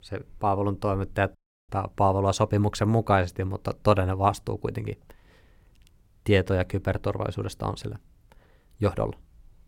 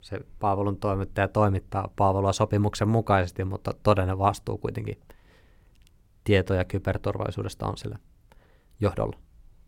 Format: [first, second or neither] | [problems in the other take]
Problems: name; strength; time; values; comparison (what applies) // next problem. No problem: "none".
second | audio cutting out; at 1.5 s